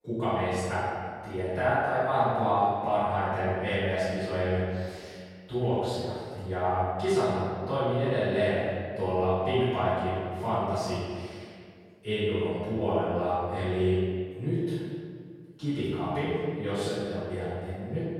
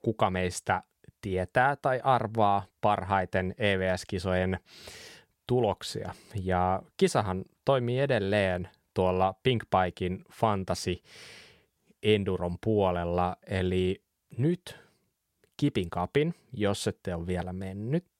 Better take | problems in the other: second | room echo; strong; dies away in 1.8 s // off-mic speech; far

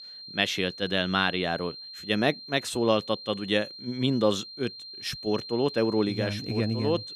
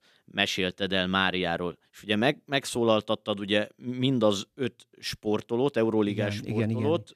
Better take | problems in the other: second | high-pitched whine; noticeable; throughout; 4 kHz, 10 dB below the speech

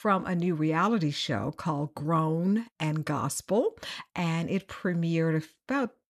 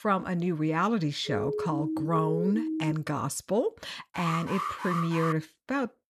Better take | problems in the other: first | siren; noticeable; from 1.5 to 3 s; peak 2 dB below the speech // alarm; noticeable; from 4 to 5.5 s; peak 3 dB below the speech

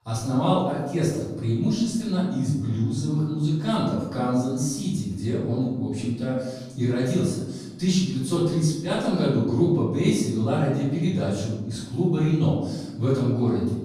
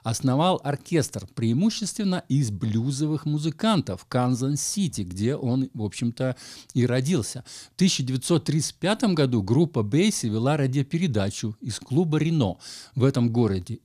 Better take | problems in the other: second | off-mic speech; far // room echo; noticeable; dies away in 1.1 s

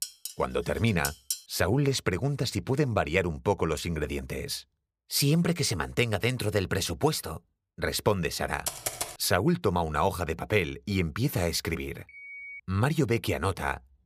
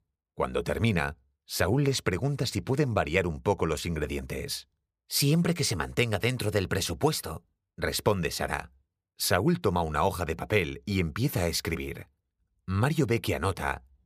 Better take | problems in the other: second | clattering dishes; noticeable; until 1.5 s; peak 4 dB below the speech // keyboard typing; noticeable; at 8.5 s; peak 4 dB below the speech // phone ringing; faint; at 12 s; peak 10 dB below the speech

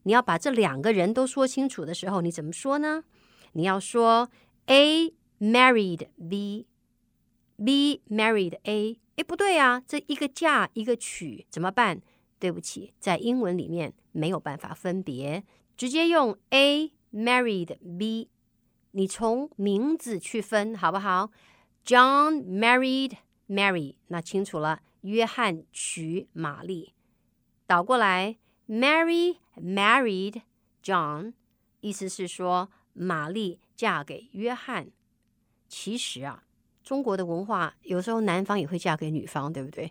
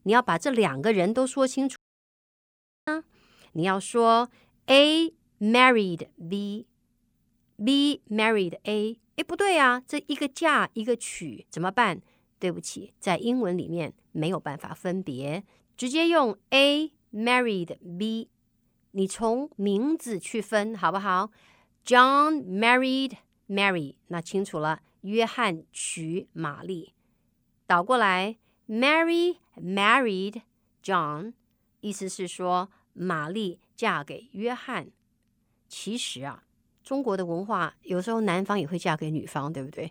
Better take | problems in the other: first | audio cutting out; at 2 s for 1 s

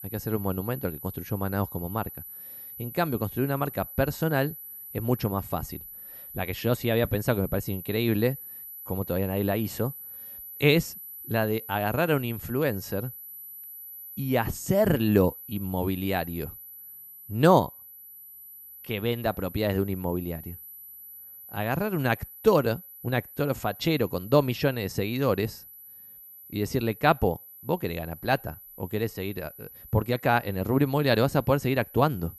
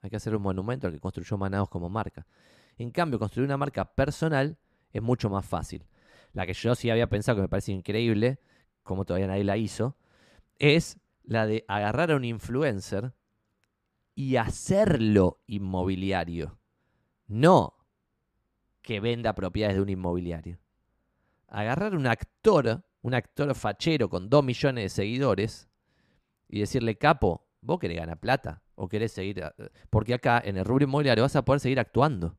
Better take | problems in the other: second | high-pitched whine; noticeable; throughout; 12 kHz, 15 dB below the speech

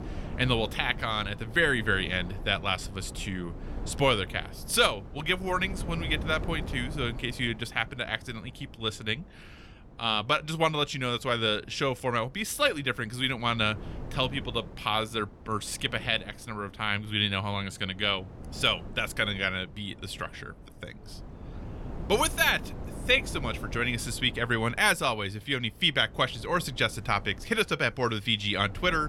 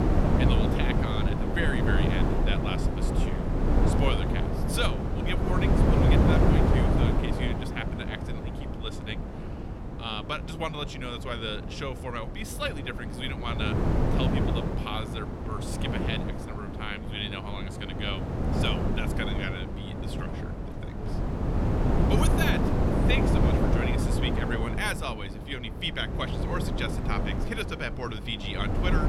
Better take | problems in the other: first | wind noise on the microphone; heavy; as loud as the speech; occasional gusts in the first

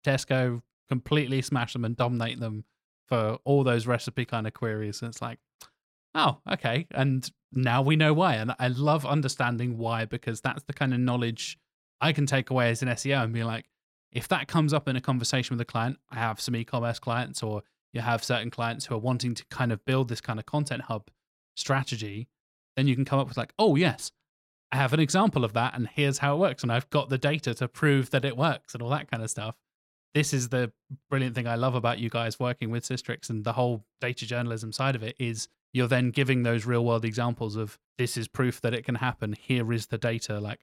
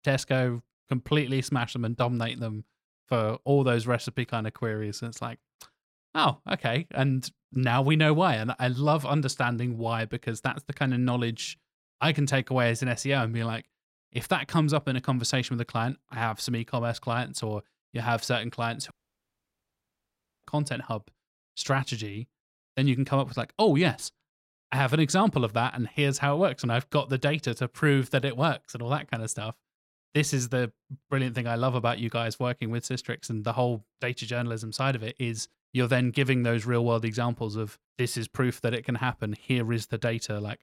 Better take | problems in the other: first | audio cutting out; at 19 s for 1.5 s

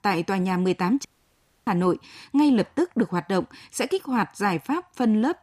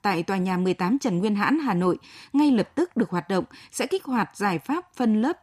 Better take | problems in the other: second | audio cutting out; at 1 s for 0.5 s

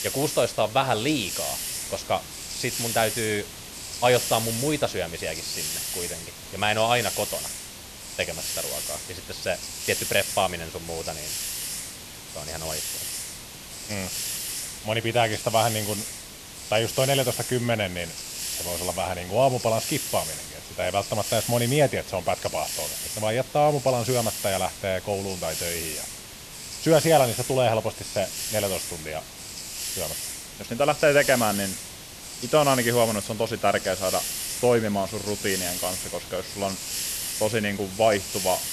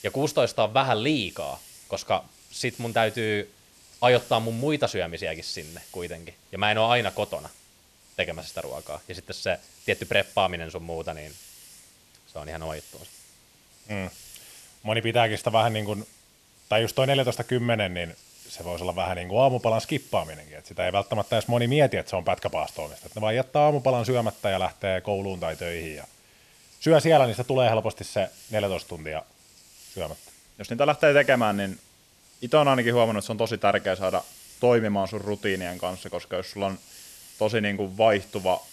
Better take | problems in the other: second | hiss; loud; throughout; 5 dB below the speech; faint in the second

